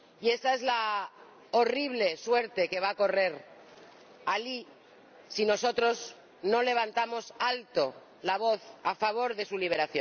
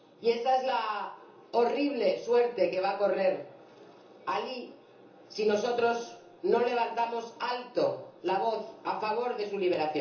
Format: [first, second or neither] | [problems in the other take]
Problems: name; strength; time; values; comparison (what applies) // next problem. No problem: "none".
first | room echo; dies away in 0.6 s